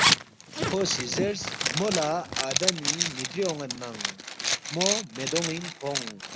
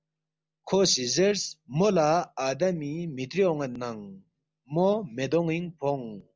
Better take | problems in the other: second | background sound (Zipper (clothing)); 2 dB above the speech

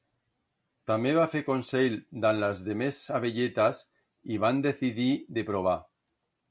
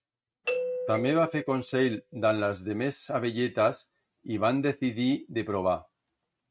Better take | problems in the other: first | noise reduction (neural mask model RNNoise)

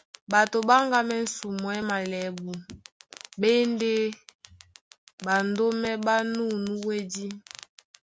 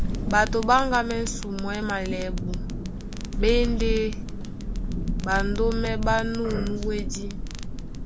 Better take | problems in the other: first | background sound (Thunder); 1 dB below the speech

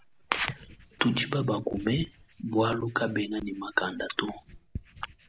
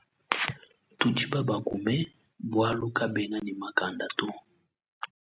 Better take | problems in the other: second | background sound (Writing); 18 dB below the speech

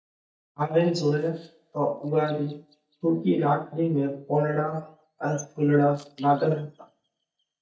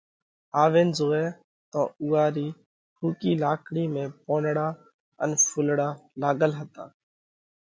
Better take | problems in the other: second | noise reduction (neural mask model DeepFilterNet 3)

